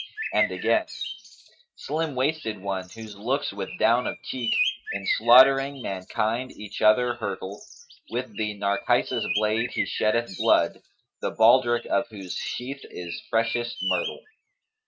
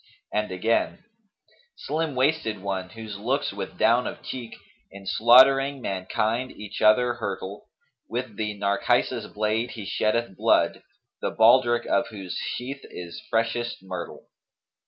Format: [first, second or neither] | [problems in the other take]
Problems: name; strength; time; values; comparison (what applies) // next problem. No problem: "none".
second | noise reduction (neural mask model RNNoise)